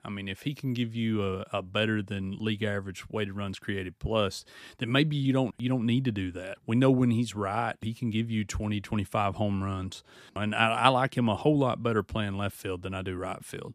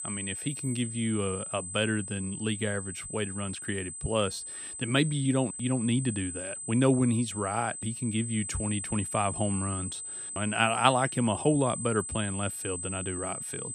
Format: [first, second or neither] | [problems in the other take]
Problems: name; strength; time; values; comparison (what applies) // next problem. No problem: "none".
first | high-pitched whine; loud; throughout; 8 kHz, 6 dB below the speech